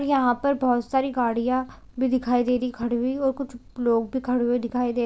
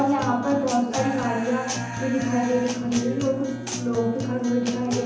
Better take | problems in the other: first | background sound (Guitar); 7 dB below the speech // room echo; dies away in 0.9 s

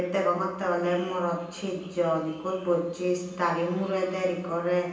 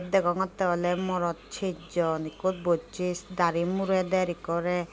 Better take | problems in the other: second | room echo; dies away in 0.9 s

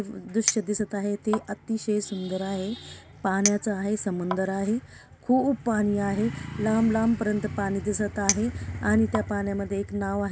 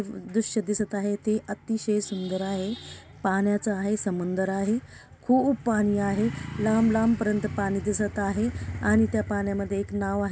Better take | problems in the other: second | background sound (Chink, clink); 9 dB below the speech

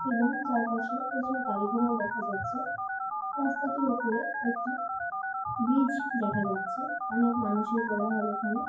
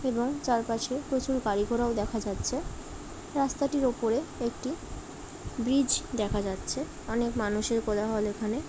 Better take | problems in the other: second | noise reduction (classical method WPE with log-MMSE)

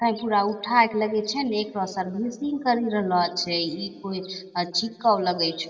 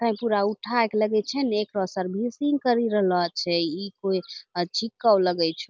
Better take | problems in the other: second | room echo; dies away in 2.5 s

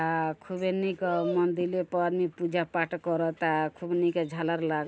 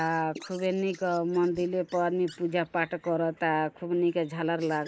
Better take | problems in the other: first | noise reduction (neural mask model Resemble Enhance denoiser)

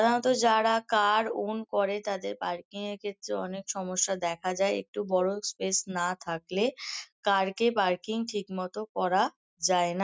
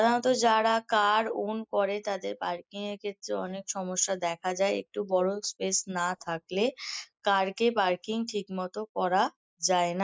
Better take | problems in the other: first | noise reduction (neural mask model Resemble Enhance denoiser)

